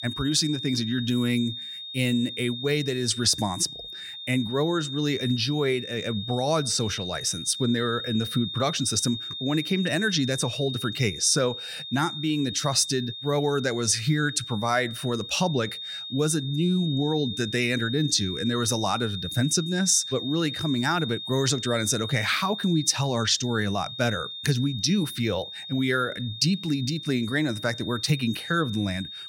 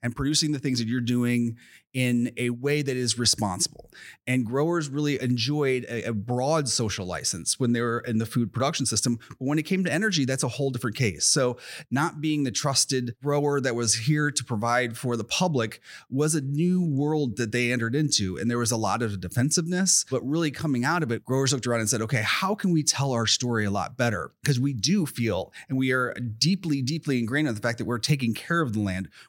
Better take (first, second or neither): second